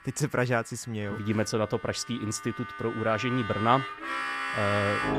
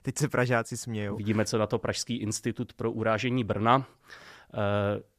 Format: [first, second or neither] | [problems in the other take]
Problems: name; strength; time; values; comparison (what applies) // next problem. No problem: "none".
second | background music; loud; throughout; 5 dB below the speech